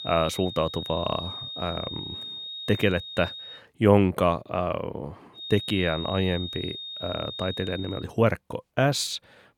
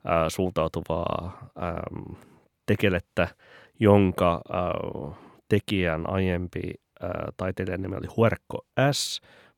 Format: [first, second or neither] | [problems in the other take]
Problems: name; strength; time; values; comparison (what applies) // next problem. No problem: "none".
second | high-pitched whine; loud; until 3.5 s and from 5.5 to 8 s; 3.5 kHz, 8 dB below the speech